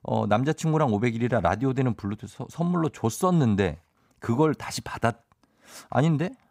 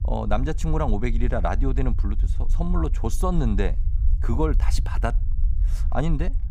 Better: first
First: none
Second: low rumble; noticeable; throughout; 20 dB below the speech

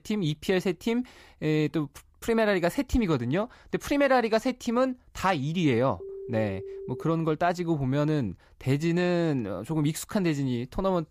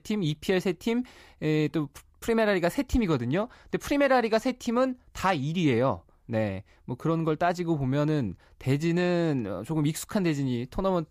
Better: second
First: phone ringing; faint; from 6 to 7 s; peak 10 dB below the speech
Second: none

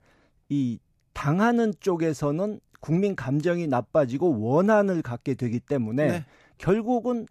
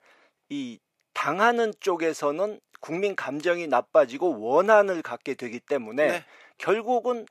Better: first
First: none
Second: thin; somewhat; fading below 500 Hz

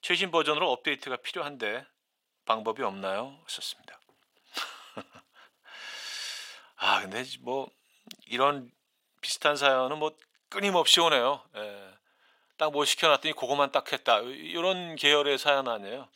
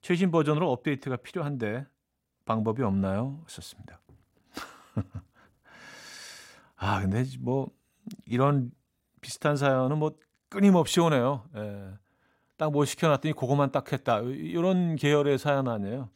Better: second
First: thin; very; fading below 600 Hz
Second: none

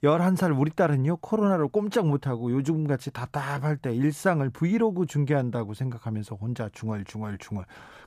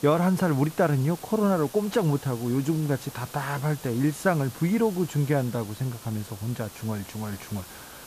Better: first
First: none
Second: hiss; noticeable; throughout; 15 dB below the speech

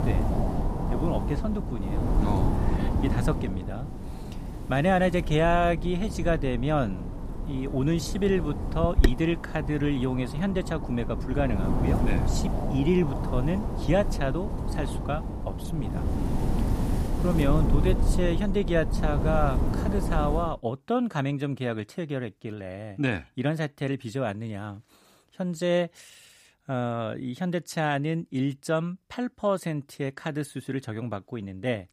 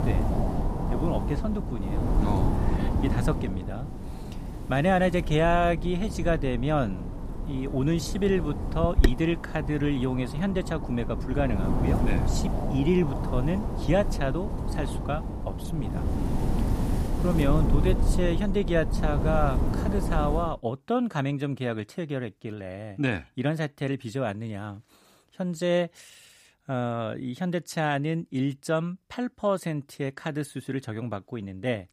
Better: neither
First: wind noise on the microphone; heavy; until 20 s; 7 dB below the speech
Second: wind noise on the microphone; heavy; until 20 s; 7 dB below the speech

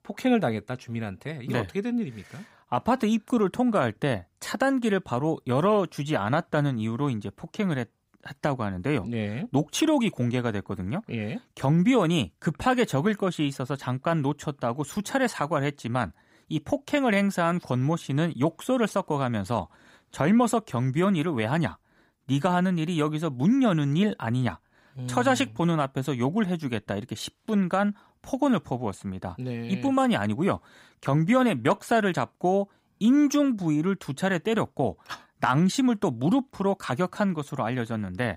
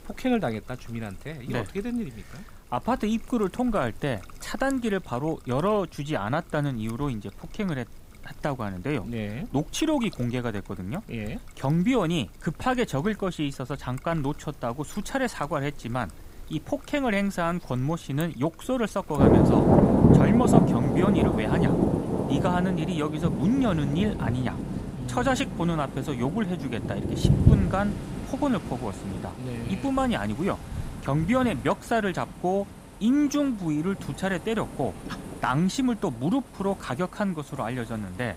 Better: first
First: none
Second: rain or running water; very loud; throughout; 2 dB above the speech

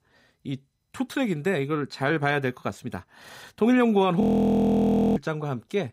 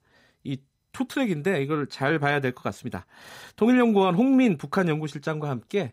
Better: second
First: audio freezing; at 4 s for 1 s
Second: none

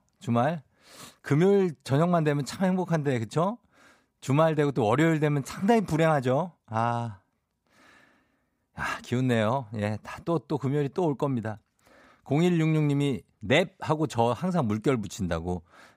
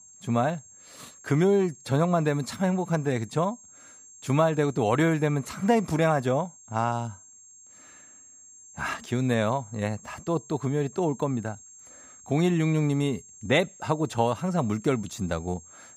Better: first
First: none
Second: high-pitched whine; faint; throughout; 7.5 kHz, 20 dB below the speech

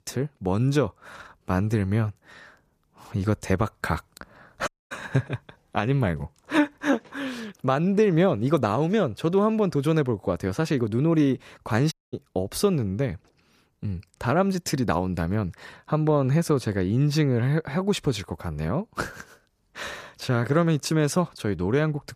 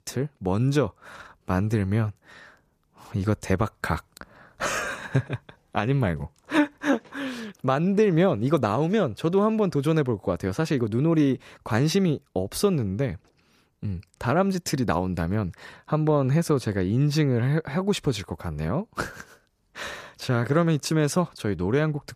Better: second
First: audio cutting out; at 4.5 s and at 12 s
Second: none

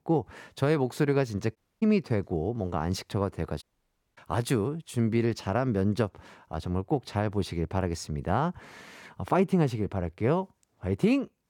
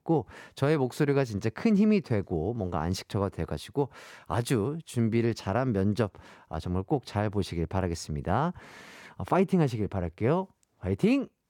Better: second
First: audio cutting out; at 1.5 s and at 3.5 s for 0.5 s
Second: none

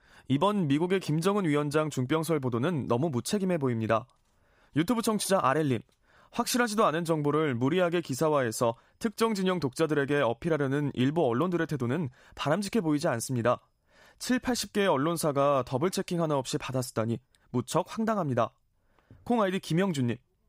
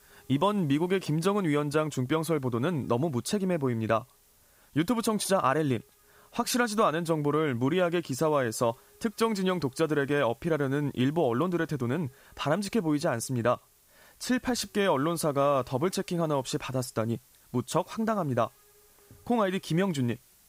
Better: first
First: none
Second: hiss; faint; throughout; 30 dB below the speech

